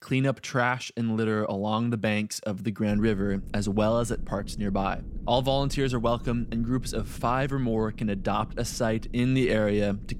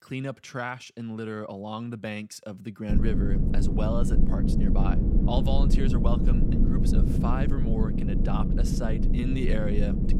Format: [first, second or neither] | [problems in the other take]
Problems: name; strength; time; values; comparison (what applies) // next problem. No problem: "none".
first | low rumble; loud; from 3 s on; 1 dB below the speech; faint in the first